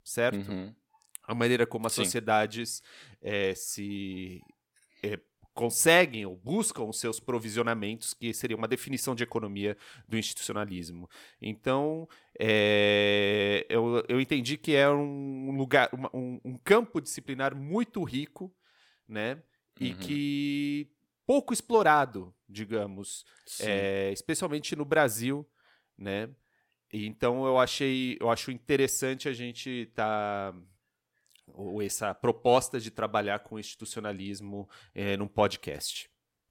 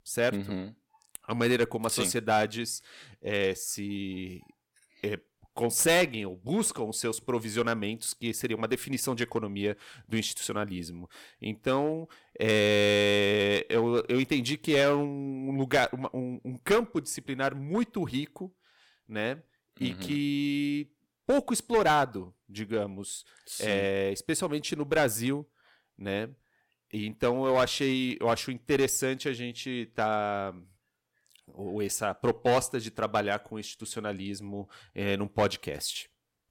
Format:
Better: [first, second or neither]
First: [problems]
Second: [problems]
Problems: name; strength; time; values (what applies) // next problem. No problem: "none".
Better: first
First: none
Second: distortion; slight; 3% of the sound clipped